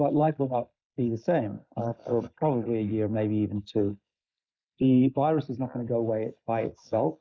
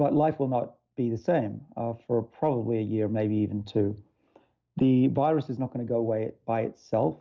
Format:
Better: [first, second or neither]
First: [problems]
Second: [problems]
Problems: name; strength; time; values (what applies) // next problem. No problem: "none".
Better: second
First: noise reduction (neural mask model Resemble Enhance denoiser)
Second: none